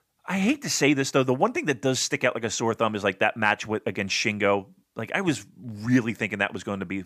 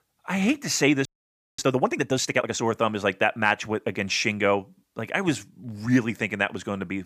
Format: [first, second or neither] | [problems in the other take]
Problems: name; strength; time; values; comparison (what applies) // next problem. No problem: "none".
first | audio freezing; at 1 s for 0.5 s